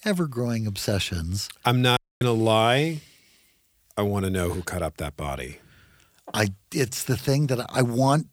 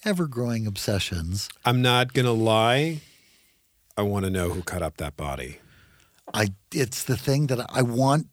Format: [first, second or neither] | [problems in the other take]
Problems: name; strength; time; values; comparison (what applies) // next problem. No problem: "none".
second | audio cutting out; at 2 s